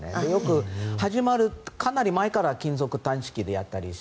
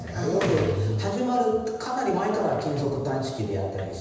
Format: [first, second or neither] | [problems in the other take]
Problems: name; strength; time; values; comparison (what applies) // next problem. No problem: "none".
first | background sound (Sliding door / Slam); 15 dB below the speech // room echo; dies away in 1.1 s